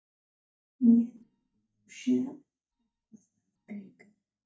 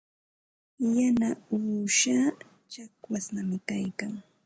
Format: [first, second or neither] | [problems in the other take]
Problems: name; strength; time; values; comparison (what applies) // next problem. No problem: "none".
second | noise reduction (neural mask model DeepFilterNet 3)